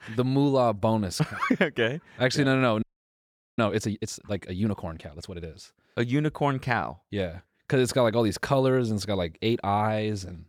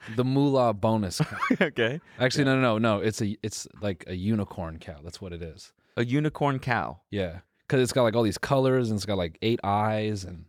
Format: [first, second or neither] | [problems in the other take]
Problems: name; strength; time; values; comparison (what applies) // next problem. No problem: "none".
second | audio freezing; at 3 s for 1 s